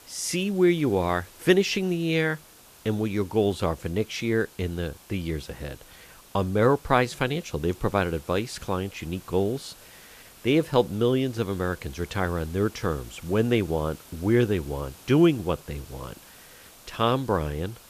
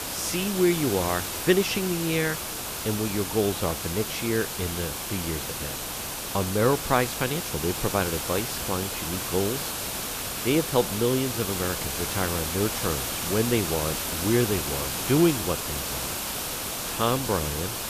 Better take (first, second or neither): first